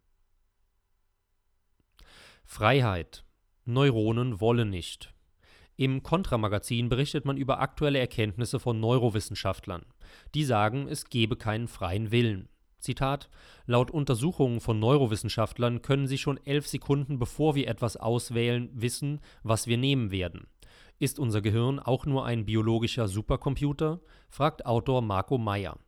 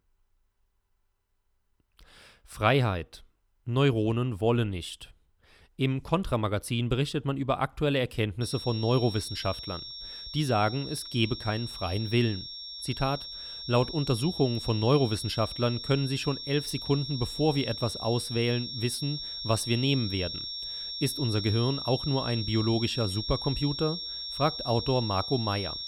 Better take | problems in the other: first | high-pitched whine; loud; from 8.5 s on; 5.5 kHz, 7 dB below the speech

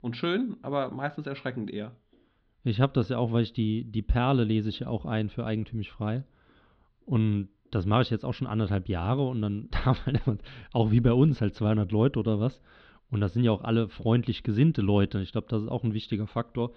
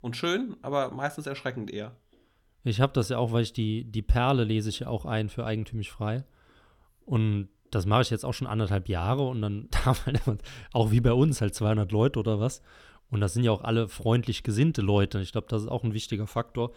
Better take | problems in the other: second | muffled; very slightly; fading above 4 kHz

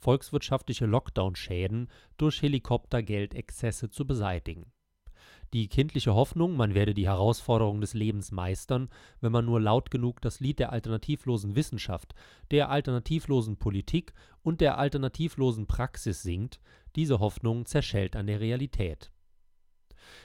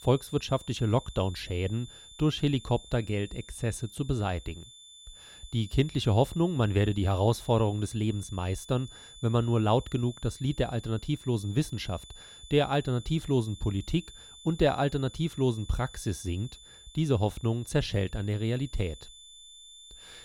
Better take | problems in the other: first | high-pitched whine; noticeable; throughout; 3.5 kHz, 20 dB below the speech

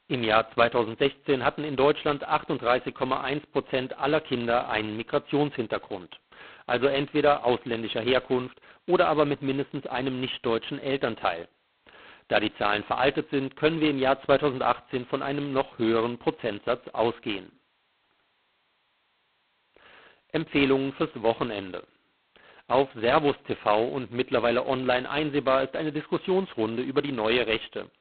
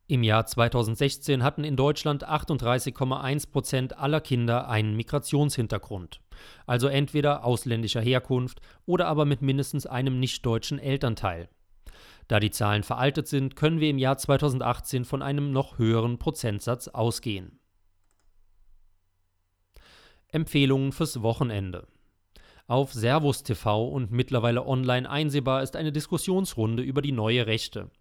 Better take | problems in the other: second | phone-call audio; poor line; nothing above 4 kHz

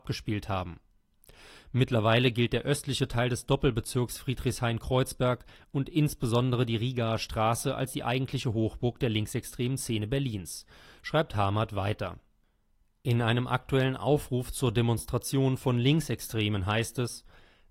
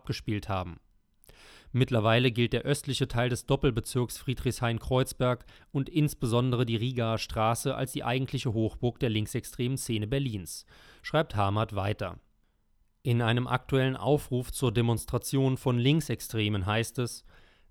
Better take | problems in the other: second | garbled, watery; slightly; nothing above 15.5 kHz

